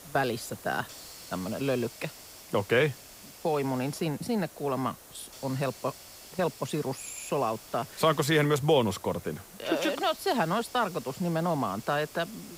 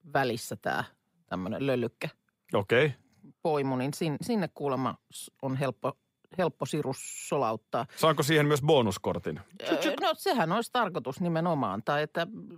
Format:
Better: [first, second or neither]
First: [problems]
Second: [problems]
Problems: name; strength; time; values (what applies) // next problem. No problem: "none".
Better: second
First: hiss; noticeable; throughout; 15 dB below the speech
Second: none